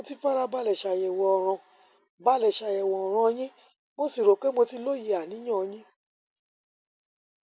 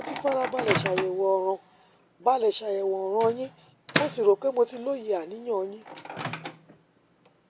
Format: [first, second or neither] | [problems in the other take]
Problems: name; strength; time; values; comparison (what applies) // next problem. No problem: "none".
first | background sound (Microwave oven); 8 dB below the speech